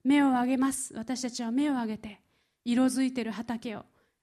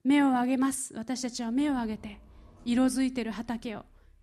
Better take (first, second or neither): first